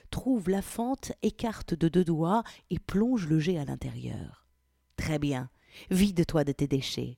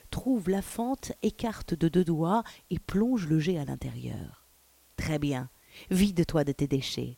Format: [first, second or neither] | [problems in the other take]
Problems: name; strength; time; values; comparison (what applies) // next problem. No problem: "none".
first | hiss; faint; throughout; 30 dB below the speech